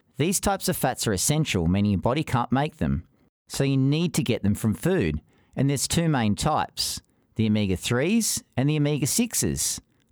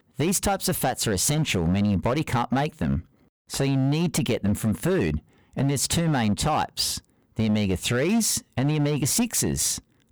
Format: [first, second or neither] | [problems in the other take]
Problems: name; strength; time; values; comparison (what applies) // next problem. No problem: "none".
first | distortion; slight; 11% of the sound clipped